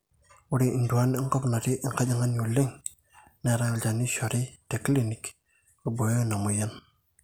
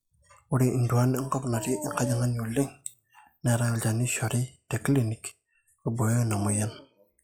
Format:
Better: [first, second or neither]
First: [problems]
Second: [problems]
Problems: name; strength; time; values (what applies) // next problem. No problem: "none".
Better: first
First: none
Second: noise reduction (classical method log-MMSE)